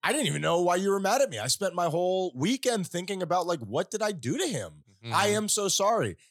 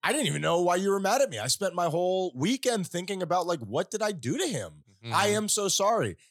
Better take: neither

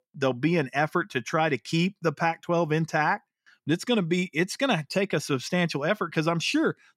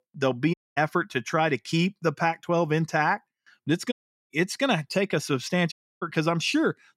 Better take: first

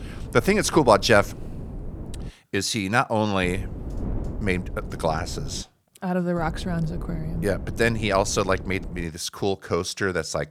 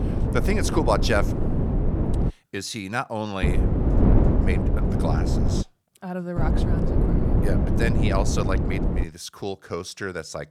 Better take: first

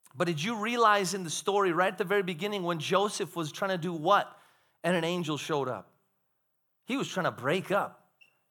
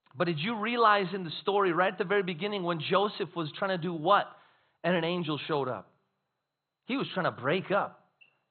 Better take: first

